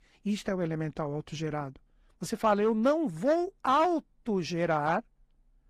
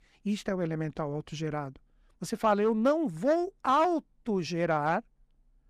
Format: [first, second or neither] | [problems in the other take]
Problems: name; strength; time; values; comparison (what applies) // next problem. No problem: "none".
second | garbled, watery; slightly; nothing above 14.5 kHz